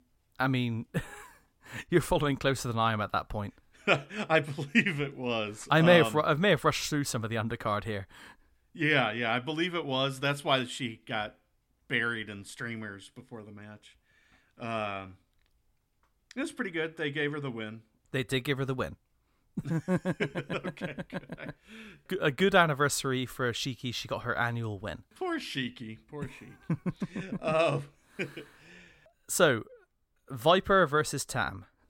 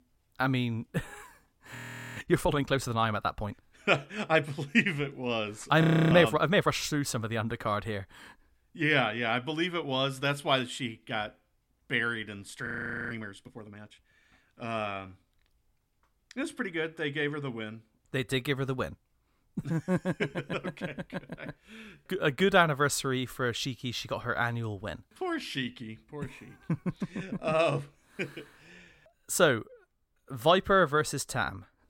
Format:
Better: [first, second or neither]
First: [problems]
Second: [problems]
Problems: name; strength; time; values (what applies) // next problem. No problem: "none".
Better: first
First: none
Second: audio freezing; at 2 s, at 6 s and at 13 s